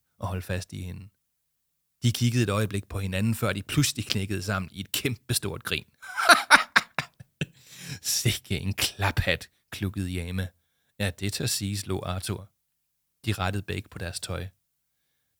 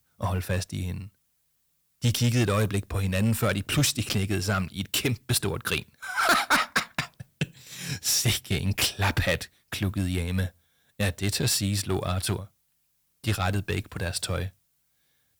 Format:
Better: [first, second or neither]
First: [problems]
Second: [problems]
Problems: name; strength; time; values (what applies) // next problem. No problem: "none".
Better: first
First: none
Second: distortion; heavy; 6 dB below the speech